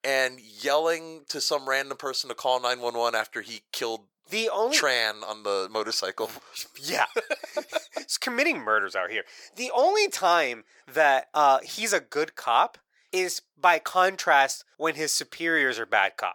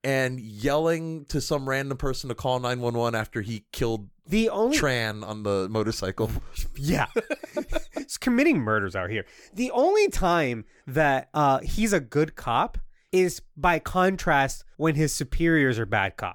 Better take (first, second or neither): second